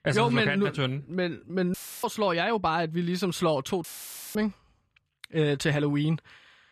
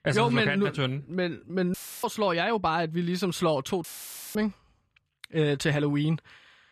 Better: neither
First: audio cutting out; filled with static; at 1.5 s and at 4 s for 0.5 s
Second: audio cutting out; filled with static; at 1.5 s and at 4 s for 0.5 s

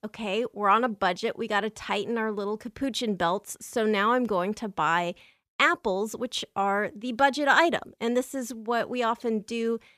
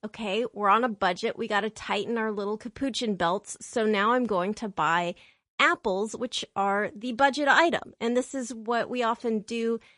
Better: first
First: none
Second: garbled, watery; slightly; nothing above 10.5 kHz

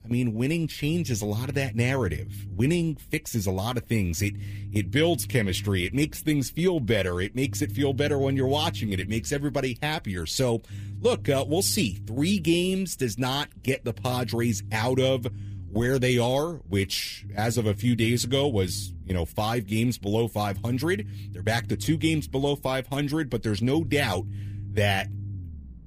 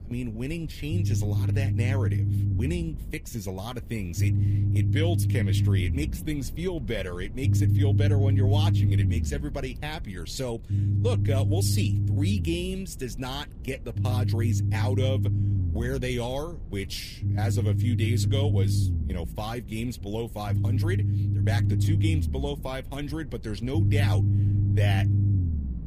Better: first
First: low rumble; faint; throughout; 25 dB below the speech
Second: low rumble; loud; throughout; 4 dB below the speech

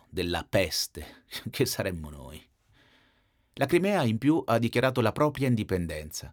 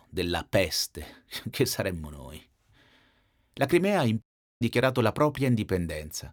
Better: first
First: none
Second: audio cutting out; at 4 s

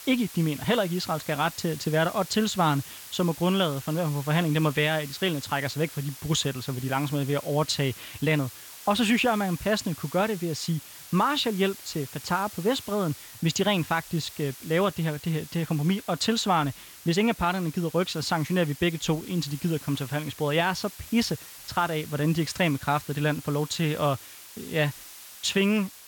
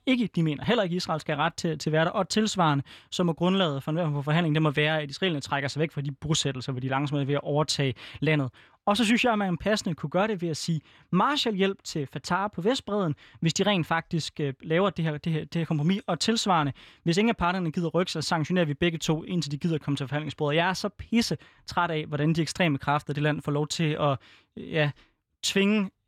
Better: second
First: hiss; noticeable; throughout; 15 dB below the speech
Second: none

